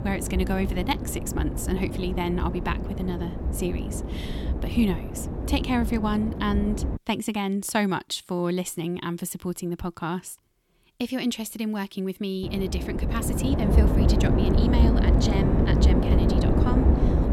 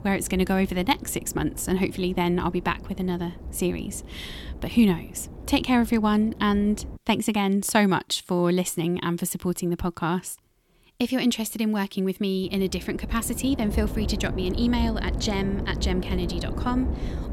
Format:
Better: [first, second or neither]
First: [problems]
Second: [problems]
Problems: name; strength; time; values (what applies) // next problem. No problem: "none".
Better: second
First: wind noise on the microphone; heavy; until 7 s and from 12 s on; 2 dB below the speech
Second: wind noise on the microphone; occasional gusts; until 7 s and from 12 s on; 15 dB below the speech